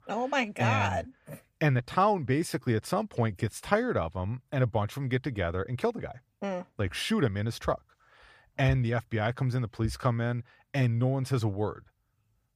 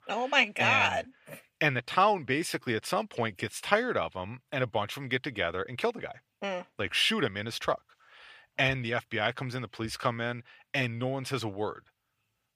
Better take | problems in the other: first | thin; somewhat; fading below 350 Hz

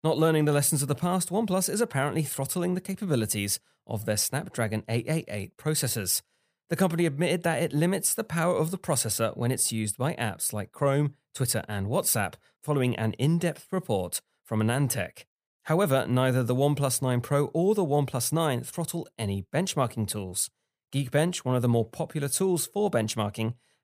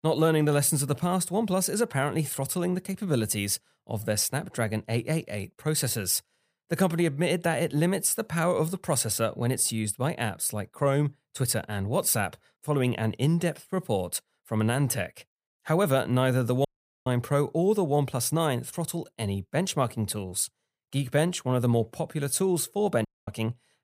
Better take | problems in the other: first | audio cutting out; at 17 s and at 23 s

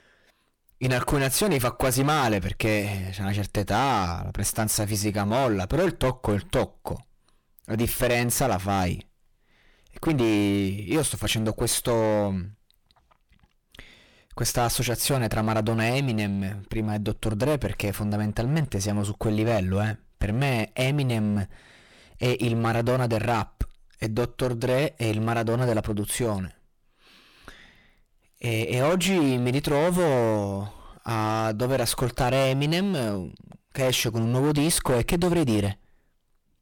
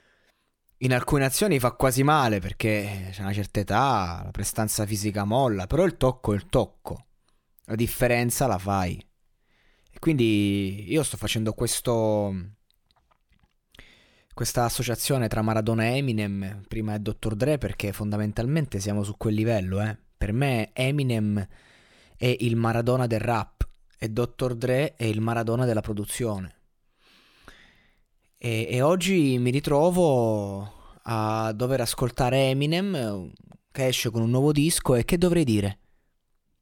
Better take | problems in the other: second | distortion; heavy; 12% of the sound clipped

